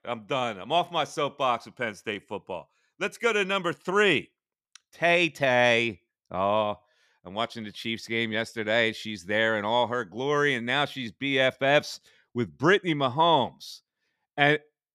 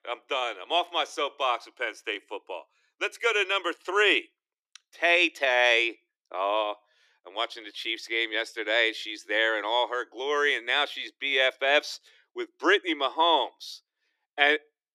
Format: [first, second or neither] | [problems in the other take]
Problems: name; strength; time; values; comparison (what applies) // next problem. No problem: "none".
first | thin; very; fading below 300 Hz